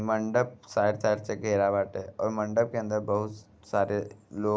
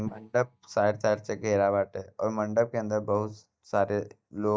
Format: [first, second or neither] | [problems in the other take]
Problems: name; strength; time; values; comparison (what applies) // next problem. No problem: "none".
first | noise reduction (neural mask model DeepFilterNet 3)